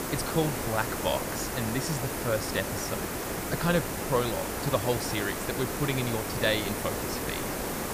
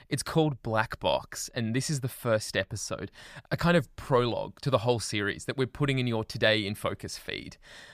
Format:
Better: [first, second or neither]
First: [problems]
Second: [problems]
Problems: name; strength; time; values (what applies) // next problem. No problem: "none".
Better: second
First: hiss; loud; throughout; 1 dB below the speech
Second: none